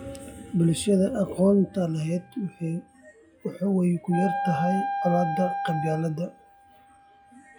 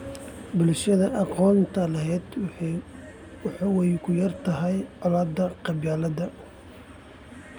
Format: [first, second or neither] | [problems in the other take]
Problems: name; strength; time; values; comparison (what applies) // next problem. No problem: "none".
second | noise reduction (classical method log-MMSE)